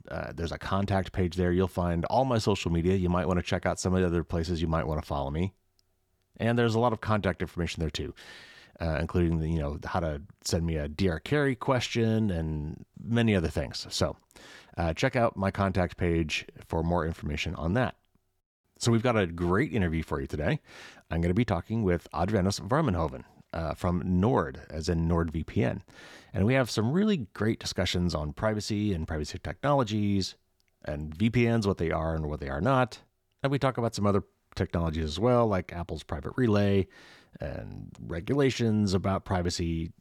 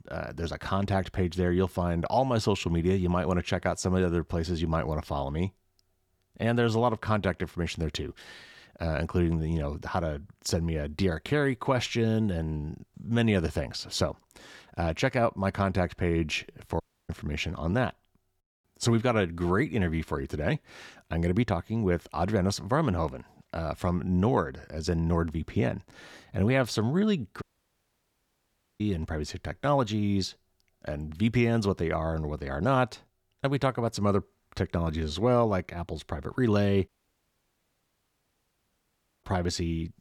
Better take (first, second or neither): first